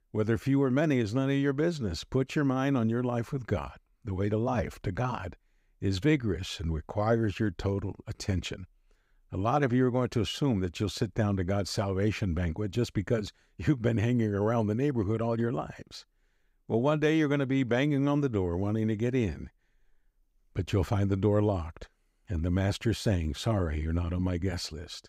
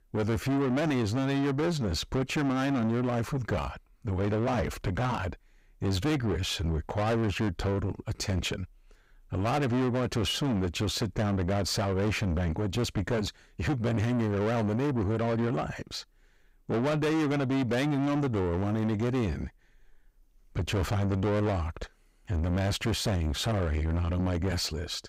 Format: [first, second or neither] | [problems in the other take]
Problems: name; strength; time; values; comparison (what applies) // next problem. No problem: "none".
first | distortion; heavy; 7 dB below the speech